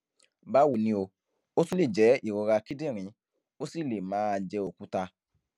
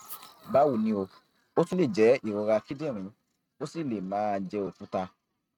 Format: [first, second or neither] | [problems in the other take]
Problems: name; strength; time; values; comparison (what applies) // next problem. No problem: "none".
first | noise reduction (neural mask model RNNoise)